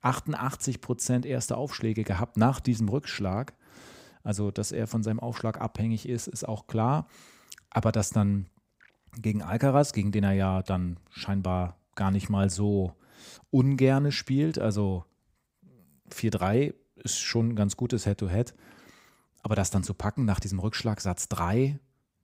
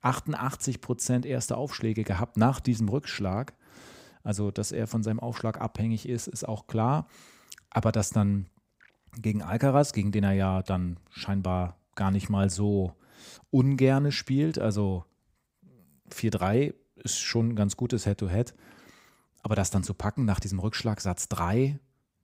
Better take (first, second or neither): neither